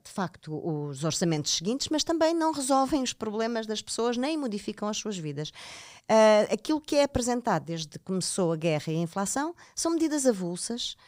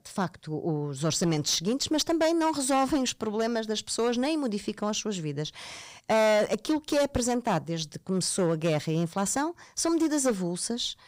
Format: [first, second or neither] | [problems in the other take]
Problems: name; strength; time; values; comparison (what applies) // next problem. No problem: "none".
first | distortion; slight; 7% of the sound clipped